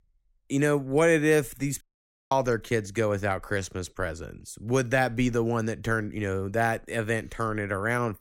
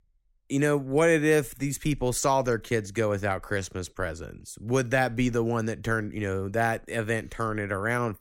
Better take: second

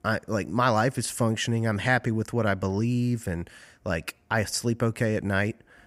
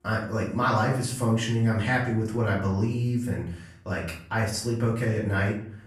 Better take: first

